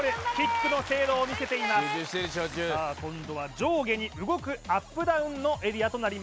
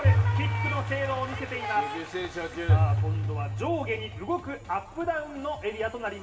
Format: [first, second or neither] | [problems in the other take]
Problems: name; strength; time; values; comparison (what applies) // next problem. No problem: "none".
first | background sound (Bowed string instrument); 3 dB above the speech // room echo; dies away in 1.6 s